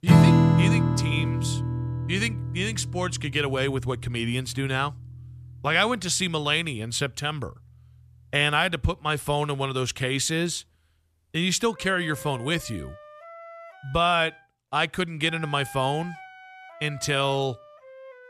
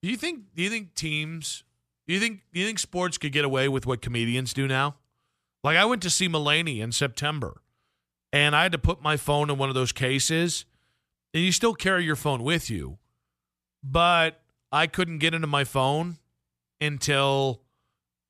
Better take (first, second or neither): second